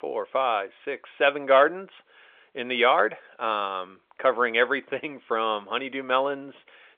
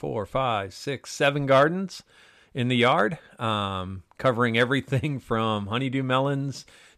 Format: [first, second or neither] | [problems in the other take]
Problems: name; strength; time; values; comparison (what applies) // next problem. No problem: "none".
second | phone-call audio; nothing above 3.5 kHz